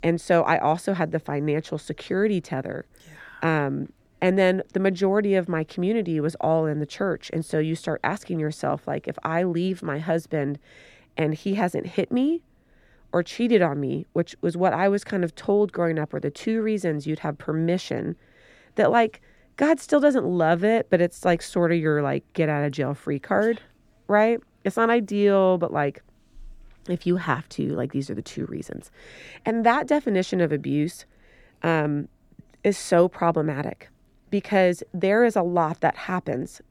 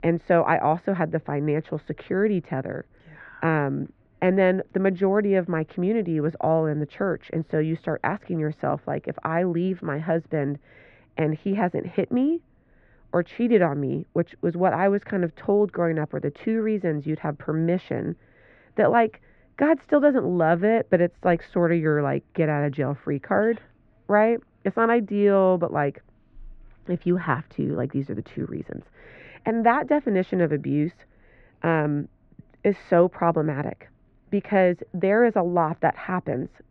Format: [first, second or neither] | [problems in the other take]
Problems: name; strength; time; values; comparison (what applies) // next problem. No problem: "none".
first | muffled; very; fading above 2.5 kHz